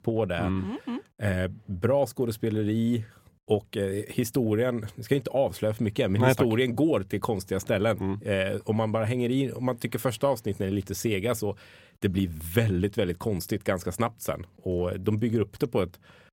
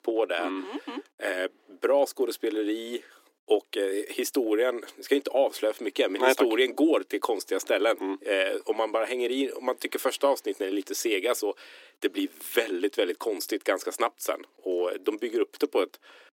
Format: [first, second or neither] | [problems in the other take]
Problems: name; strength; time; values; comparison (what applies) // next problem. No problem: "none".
first | thin; somewhat; fading below 300 Hz